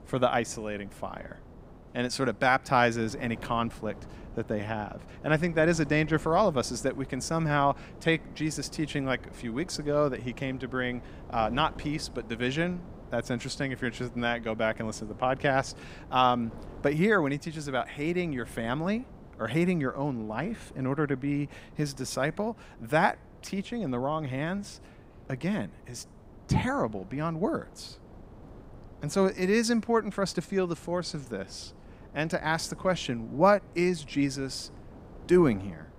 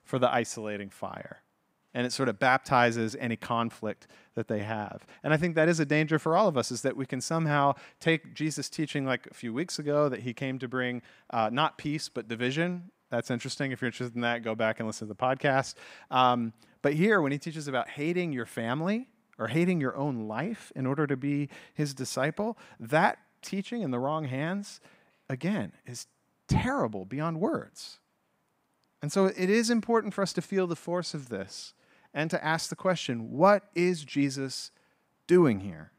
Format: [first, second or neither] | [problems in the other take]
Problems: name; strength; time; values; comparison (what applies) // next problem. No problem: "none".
second | wind noise on the microphone; occasional gusts; 25 dB below the speech